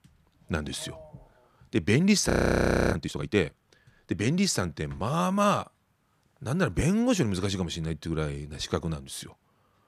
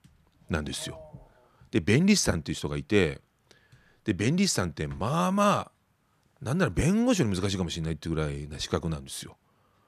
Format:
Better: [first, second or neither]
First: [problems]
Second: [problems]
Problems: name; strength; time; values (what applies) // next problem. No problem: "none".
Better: second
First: audio freezing; at 2.5 s for 0.5 s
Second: none